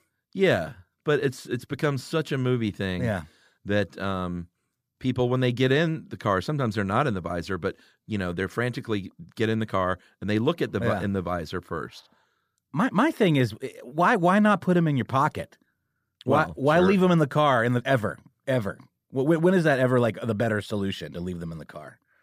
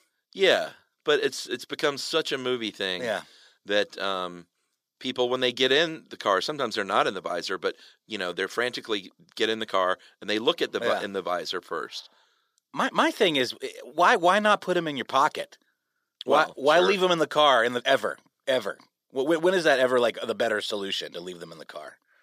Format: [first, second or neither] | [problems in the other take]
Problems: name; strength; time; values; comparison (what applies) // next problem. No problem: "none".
first | thin; somewhat; fading below 450 Hz